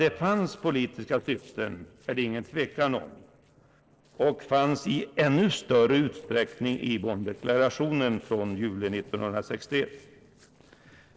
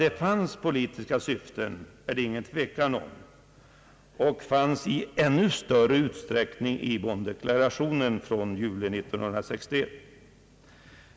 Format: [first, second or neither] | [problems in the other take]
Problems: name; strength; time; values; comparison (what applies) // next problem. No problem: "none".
second | noise reduction (neural separator model SepFormer DNS4)